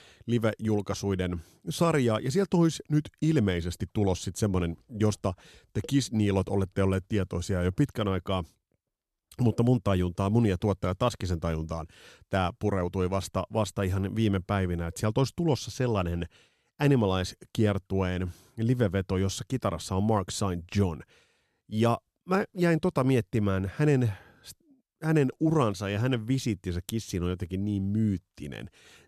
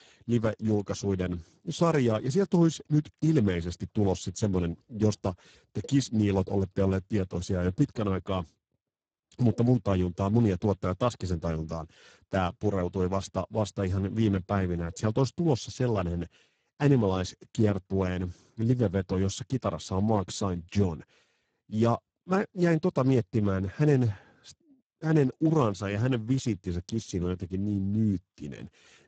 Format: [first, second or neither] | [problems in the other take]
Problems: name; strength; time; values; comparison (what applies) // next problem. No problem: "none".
first | garbled, watery; badly; nothing above 7.5 kHz